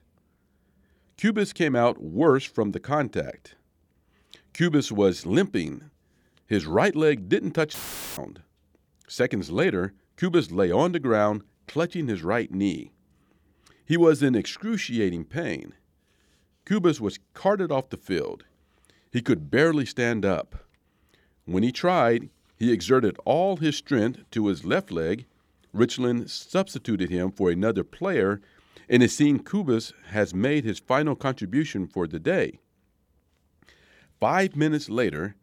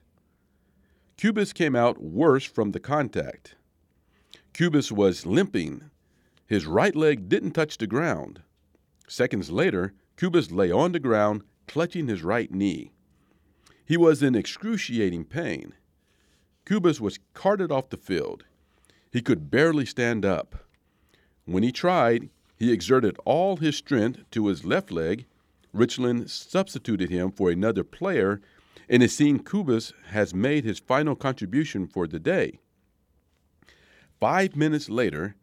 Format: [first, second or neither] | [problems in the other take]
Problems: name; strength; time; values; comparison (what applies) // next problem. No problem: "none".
second | audio cutting out; filled with static; at 7.5 s